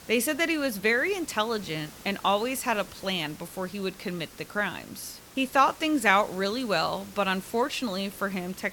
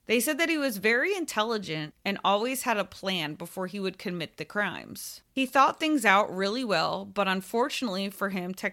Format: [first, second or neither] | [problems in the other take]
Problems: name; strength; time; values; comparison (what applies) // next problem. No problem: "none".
second | hiss; noticeable; throughout; 20 dB below the speech